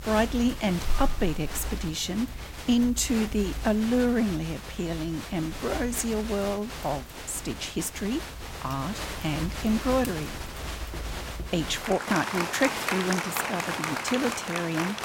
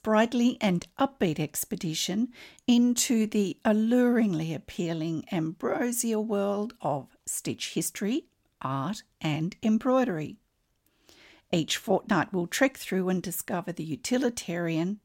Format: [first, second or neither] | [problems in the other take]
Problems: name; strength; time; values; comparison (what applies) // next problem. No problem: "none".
second | crowd noise; loud; throughout; 5 dB below the speech